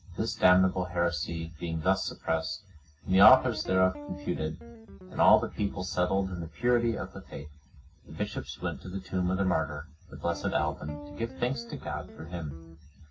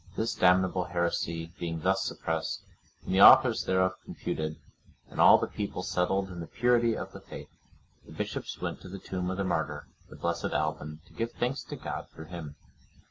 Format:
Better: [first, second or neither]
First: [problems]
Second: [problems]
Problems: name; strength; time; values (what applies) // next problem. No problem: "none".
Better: second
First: background sound (Guitar); 16 dB below the speech // room echo; dies away in 0.4 s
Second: none